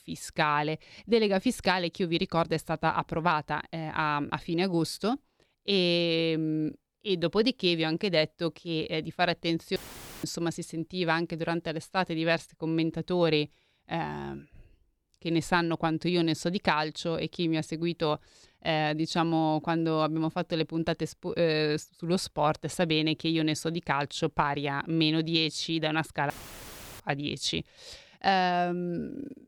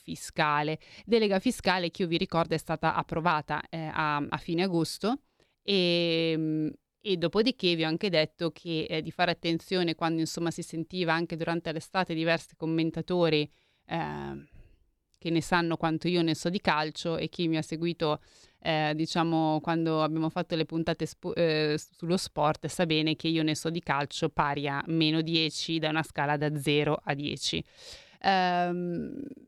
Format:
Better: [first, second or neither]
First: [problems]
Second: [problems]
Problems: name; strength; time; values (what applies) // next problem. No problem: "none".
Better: second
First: audio cutting out; filled with static; at 10 s and at 26 s for 0.5 s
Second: none